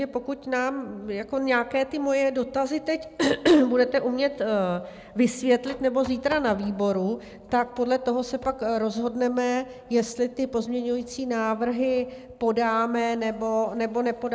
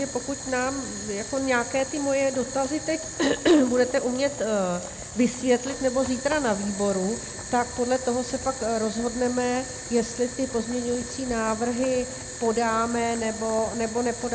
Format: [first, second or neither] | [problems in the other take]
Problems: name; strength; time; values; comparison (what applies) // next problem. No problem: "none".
first | background sound (Boiling); 10 dB below the speech